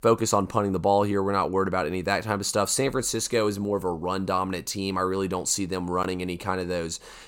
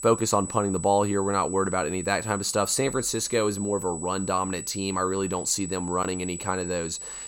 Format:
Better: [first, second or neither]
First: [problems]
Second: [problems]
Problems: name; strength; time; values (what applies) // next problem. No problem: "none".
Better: first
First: none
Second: high-pitched whine; loud; throughout; 8 kHz, 8 dB below the speech